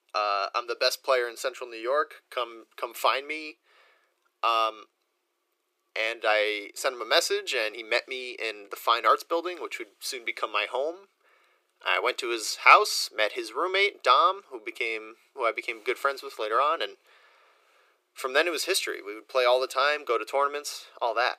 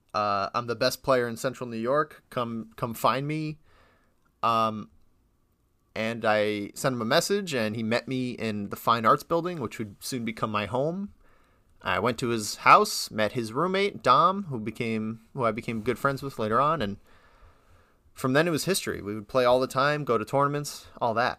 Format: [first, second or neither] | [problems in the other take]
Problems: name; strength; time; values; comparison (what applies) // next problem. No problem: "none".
second | thin; very; fading below 350 Hz